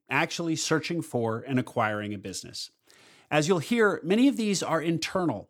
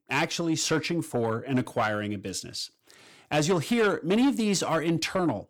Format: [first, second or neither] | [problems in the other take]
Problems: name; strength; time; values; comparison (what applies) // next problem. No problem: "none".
first | distortion; slight; 10 dB below the speech